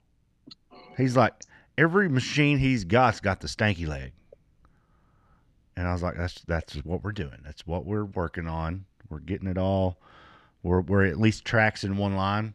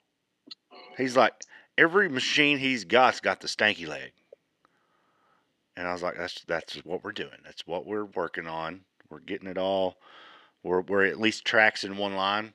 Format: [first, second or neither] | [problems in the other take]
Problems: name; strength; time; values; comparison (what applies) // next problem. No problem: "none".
first | thin; somewhat; fading below 400 Hz